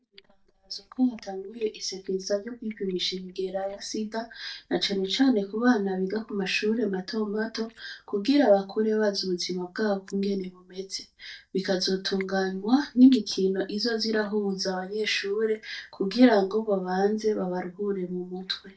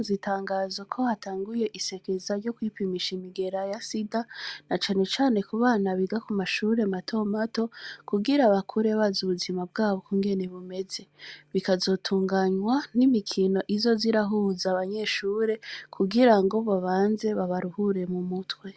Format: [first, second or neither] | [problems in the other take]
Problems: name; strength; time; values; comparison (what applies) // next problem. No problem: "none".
second | noise reduction (neural mask model DeepFilterNet 3)